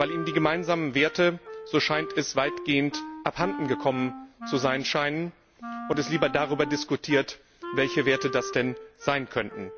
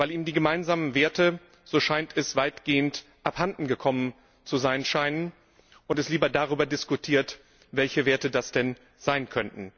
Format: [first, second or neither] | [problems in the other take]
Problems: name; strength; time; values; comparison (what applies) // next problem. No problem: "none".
second | background sound (Wind instrument, woodwind instrument); 11 dB below the speech